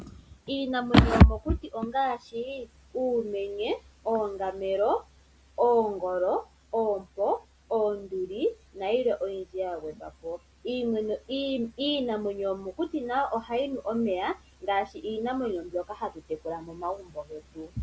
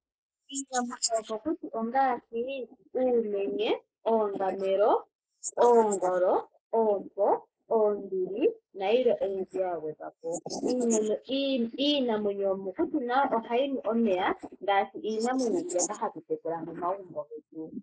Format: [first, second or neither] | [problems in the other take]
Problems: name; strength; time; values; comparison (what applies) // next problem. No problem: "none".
first | noise reduction (neural mask model Resemble Enhance denoiser)